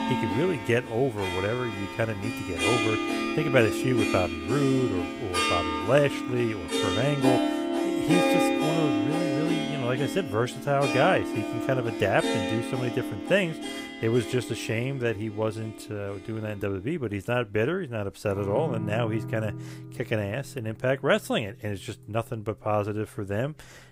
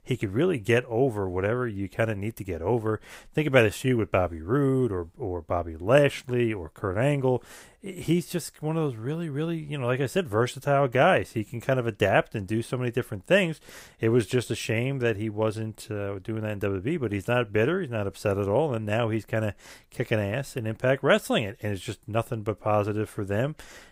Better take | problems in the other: second | background music; loud; throughout; 1 dB below the speech

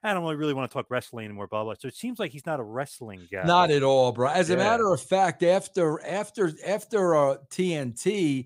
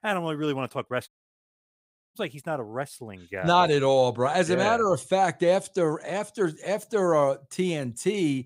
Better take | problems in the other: first | audio cutting out; at 1 s for 1 s

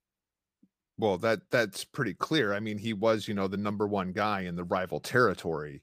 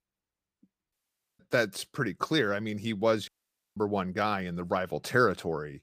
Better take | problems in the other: first | audio cutting out; at 1 s and at 3.5 s

